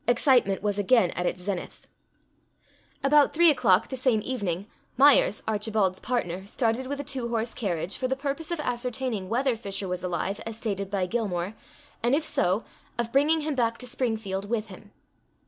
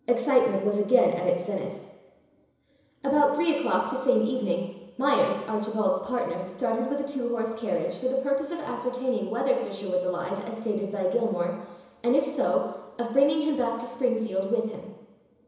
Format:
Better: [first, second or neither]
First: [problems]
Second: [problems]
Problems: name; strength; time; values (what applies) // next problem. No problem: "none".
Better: first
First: none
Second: room echo; dies away in 1 s